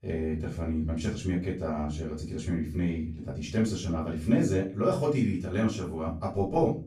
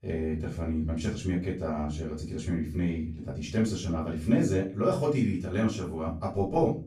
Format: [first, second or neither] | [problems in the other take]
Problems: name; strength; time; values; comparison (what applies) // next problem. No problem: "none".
neither | off-mic speech; far; the same in both // room echo; slight; dies away in 0.3 s; the same in both